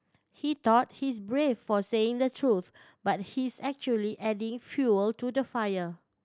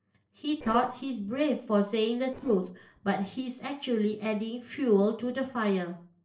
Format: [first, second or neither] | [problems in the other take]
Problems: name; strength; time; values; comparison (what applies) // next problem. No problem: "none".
first | noise reduction (neural separator model SepFormer DNS4)